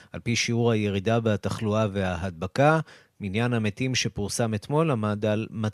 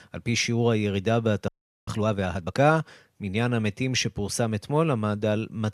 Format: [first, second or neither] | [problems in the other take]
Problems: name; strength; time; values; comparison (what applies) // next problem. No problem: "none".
first | audio freezing; at 1.5 s